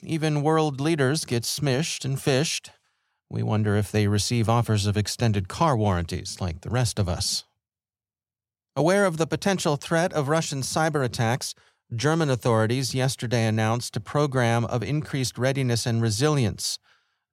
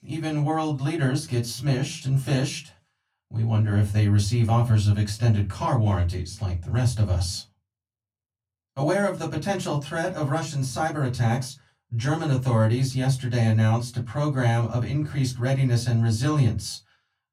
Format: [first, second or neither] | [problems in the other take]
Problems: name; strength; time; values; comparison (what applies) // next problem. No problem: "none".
first | off-mic speech; far // room echo; very slight; dies away in 0.2 s